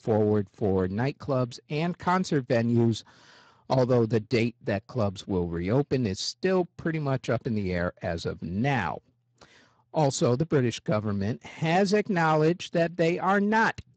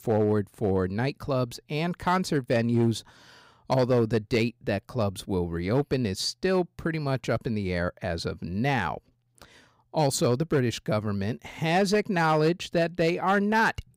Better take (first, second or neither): second